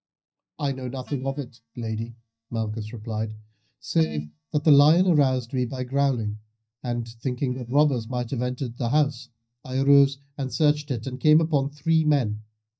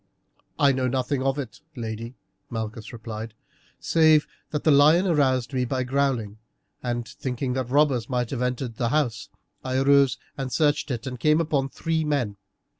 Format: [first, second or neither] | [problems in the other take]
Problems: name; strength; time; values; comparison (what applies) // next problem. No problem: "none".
second | noise reduction (neural mask model DeepFilterNet 3)